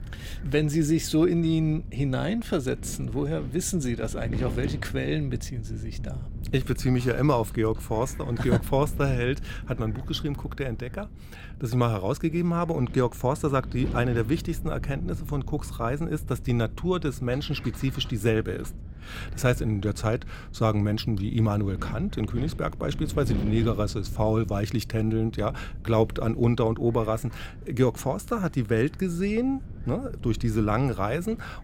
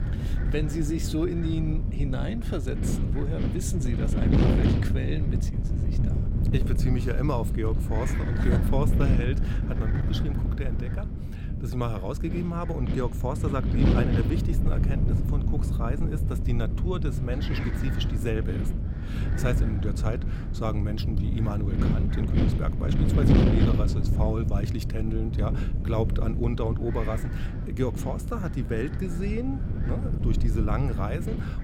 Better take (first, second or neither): first